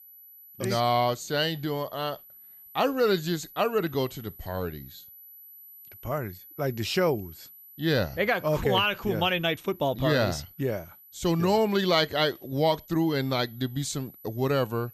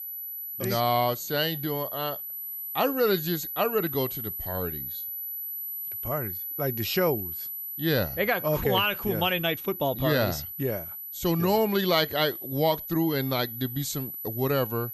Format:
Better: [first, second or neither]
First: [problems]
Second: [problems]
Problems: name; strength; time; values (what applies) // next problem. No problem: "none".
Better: first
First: high-pitched whine; faint; throughout; 12 kHz, 20 dB below the speech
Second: high-pitched whine; loud; throughout; 12 kHz, 6 dB below the speech